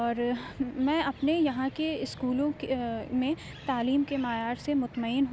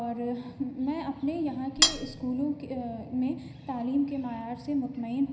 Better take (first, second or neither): first